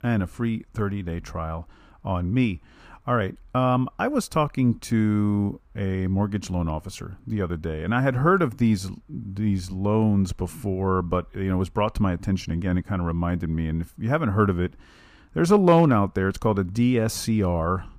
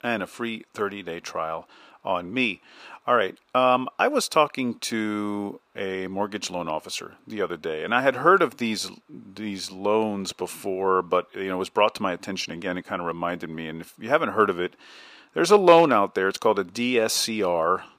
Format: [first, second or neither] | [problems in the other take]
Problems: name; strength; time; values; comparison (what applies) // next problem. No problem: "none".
first | thin; somewhat; fading below 450 Hz